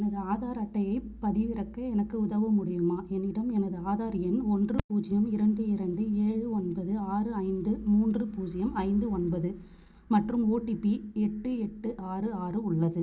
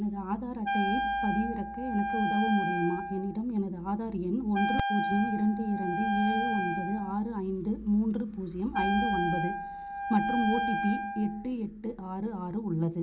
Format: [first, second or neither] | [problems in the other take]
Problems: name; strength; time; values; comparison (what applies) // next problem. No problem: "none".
first | background sound (Wind instrument, woodwind instrument); 1 dB below the speech